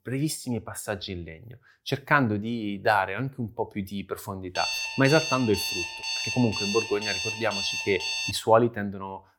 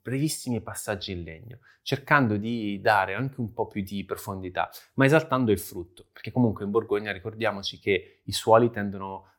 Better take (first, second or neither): second